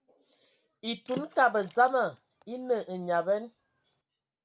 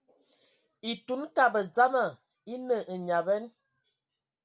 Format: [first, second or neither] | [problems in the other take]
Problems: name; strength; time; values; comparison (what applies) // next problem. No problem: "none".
second | background sound (Water / Splash, splatter); 20 dB below the speech